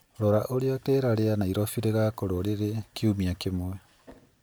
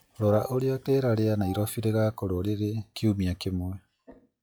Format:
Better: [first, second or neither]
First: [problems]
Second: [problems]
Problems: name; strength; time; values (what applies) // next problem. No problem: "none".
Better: first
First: none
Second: noise reduction (classical method log-MMSE)